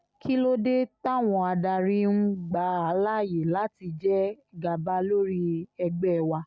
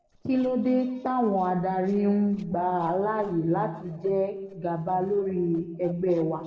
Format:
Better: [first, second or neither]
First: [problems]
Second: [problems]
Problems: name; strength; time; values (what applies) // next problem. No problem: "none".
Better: first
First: none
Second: noise reduction (neural separator model SepFormer DNS4)